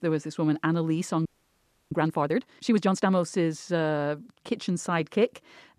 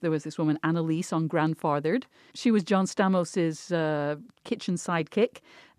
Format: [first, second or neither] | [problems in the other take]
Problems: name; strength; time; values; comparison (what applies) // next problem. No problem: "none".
second | audio freezing; at 1.5 s for 0.5 s